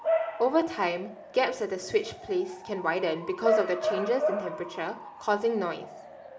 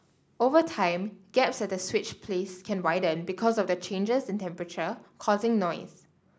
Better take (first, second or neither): second